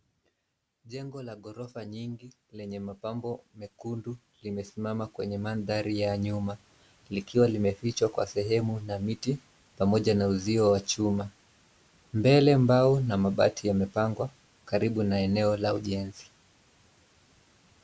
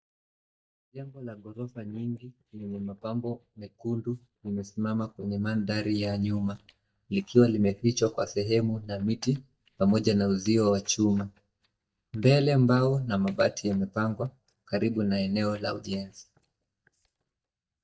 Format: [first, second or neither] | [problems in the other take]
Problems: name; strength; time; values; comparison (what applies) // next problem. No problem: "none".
first | noise reduction (neural mask model DeepFilterNet 3)